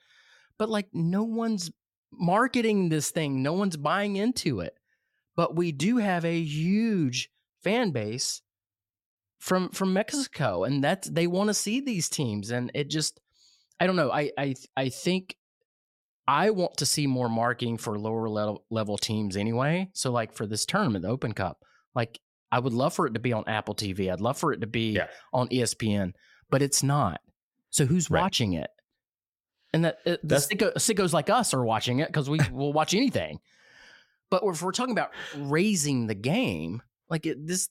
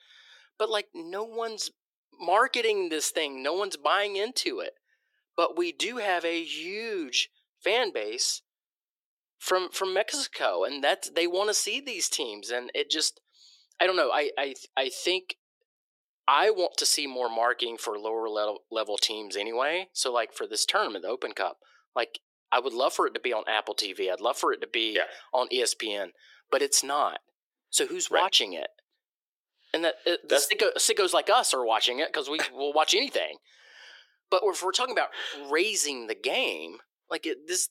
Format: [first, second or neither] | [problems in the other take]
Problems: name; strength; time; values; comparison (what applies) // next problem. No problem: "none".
first | thin; very; fading below 350 Hz